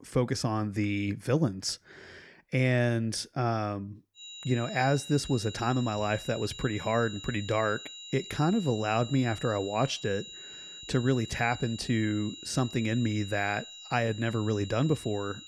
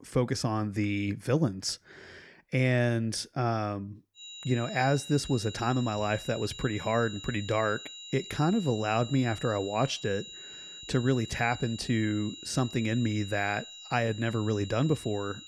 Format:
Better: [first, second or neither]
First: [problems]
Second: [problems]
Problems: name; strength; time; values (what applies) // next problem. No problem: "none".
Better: neither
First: high-pitched whine; noticeable; from 4 s on; 4 kHz, 15 dB below the speech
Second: high-pitched whine; noticeable; from 4 s on; 4 kHz, 15 dB below the speech